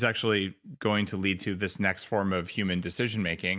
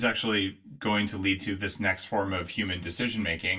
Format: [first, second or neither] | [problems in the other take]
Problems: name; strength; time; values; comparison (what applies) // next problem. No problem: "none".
first | room echo; dies away in 0.2 s